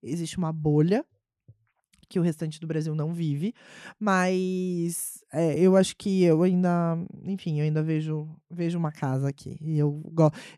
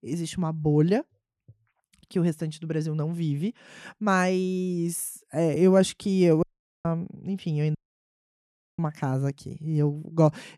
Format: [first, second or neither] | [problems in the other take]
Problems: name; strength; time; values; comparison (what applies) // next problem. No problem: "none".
first | audio cutting out; at 6.5 s and at 8 s for 1 s